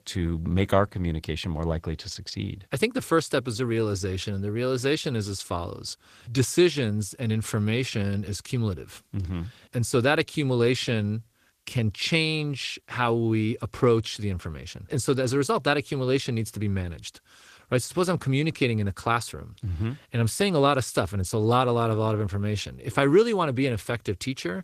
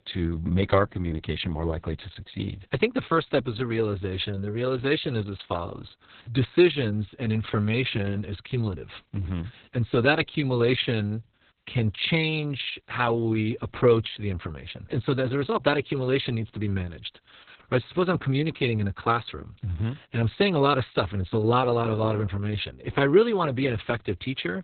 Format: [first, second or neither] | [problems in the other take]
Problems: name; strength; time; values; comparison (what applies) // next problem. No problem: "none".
first | garbled, watery; badly; nothing above 4 kHz; slightly in the first